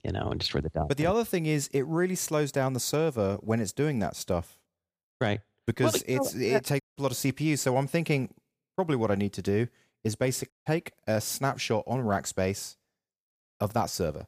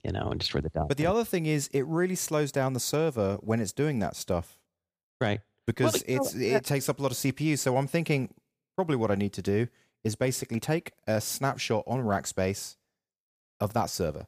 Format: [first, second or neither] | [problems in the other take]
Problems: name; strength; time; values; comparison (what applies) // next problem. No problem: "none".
second | audio cutting out; at 7 s and at 11 s